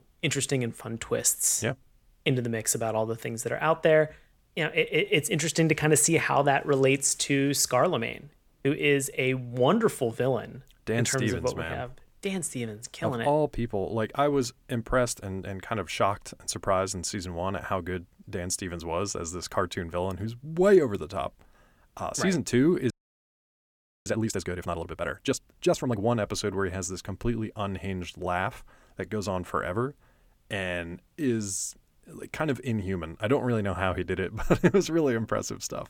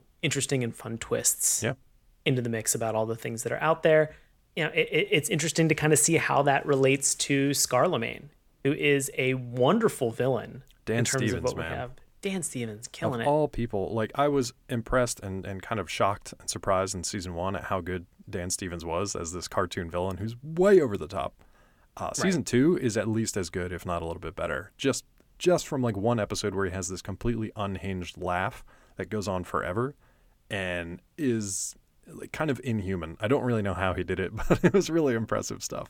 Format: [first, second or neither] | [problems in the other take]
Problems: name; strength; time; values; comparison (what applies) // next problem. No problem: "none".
second | audio freezing; at 23 s for 1 s